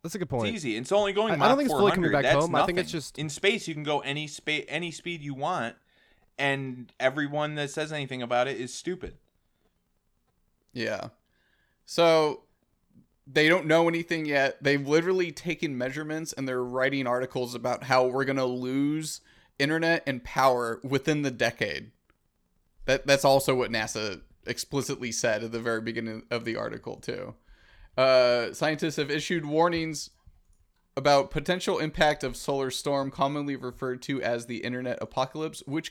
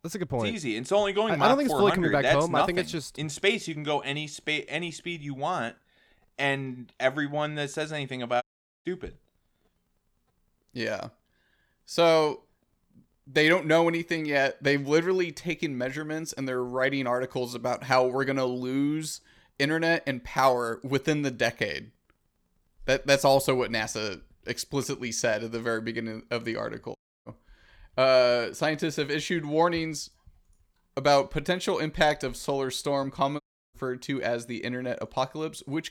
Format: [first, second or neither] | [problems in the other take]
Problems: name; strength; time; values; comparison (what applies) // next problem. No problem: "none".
first | audio cutting out; at 8.5 s, at 27 s and at 33 s